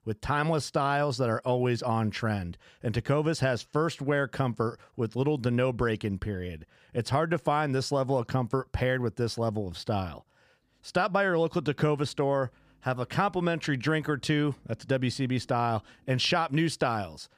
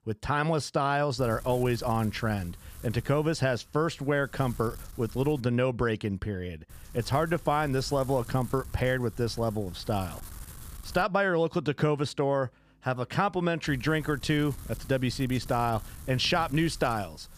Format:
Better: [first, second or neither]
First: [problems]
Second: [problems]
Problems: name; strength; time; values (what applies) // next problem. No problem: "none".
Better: first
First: none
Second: wind noise on the microphone; occasional gusts; from 1 to 5.5 s, from 6.5 to 11 s and from 14 s on; 25 dB below the speech